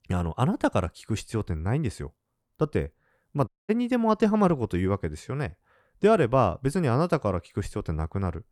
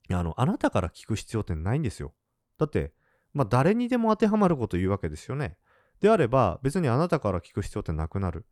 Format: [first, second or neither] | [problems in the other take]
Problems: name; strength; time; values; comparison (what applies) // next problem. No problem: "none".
second | audio cutting out; at 3.5 s